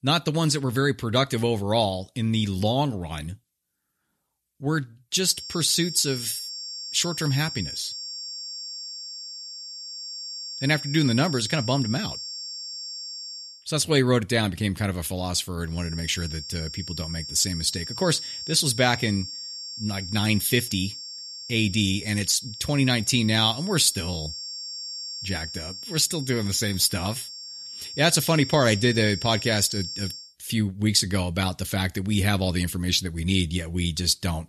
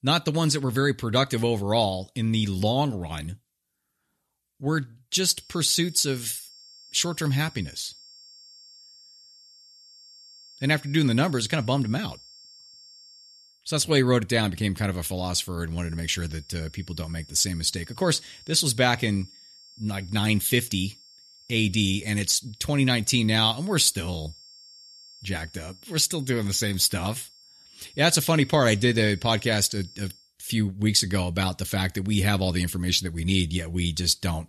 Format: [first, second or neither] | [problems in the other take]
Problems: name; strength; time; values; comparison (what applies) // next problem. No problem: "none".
second | high-pitched whine; loud; from 5.5 to 14 s and from 16 to 30 s; 5.5 kHz, 9 dB below the speech; faint in the second